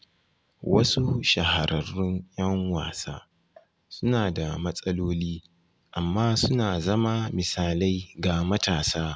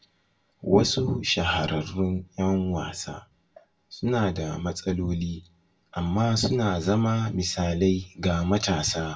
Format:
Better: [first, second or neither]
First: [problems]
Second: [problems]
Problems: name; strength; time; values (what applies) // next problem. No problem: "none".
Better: first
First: none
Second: room echo; dies away in 0.2 s